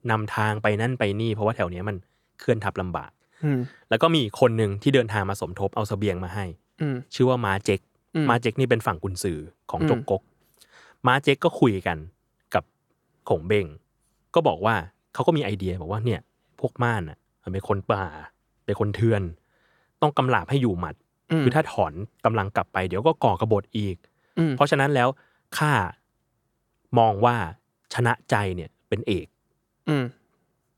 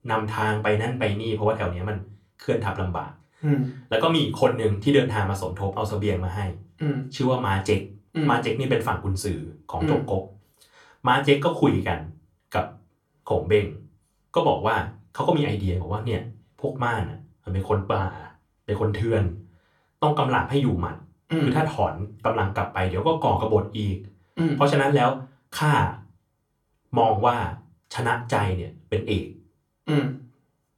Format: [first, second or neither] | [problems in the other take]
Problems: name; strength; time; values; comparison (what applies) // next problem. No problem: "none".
first | off-mic speech; somewhat distant // room echo; very slight; dies away in 0.3 s